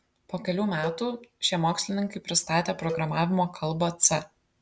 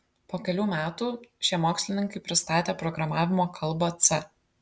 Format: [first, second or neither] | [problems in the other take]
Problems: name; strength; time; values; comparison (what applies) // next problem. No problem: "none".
second | background sound (Cowbell); 13 dB below the speech